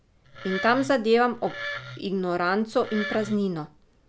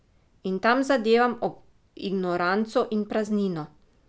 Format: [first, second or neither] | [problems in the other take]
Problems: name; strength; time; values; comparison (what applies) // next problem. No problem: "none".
second | background sound (Wood); 11 dB below the speech